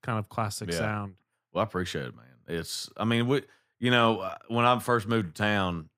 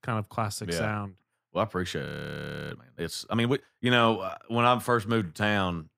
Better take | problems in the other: first | audio freezing; at 2 s for 0.5 s

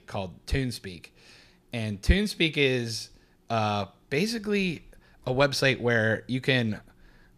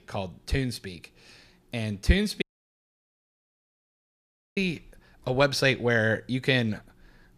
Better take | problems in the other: first | audio cutting out; at 2.5 s for 2 s

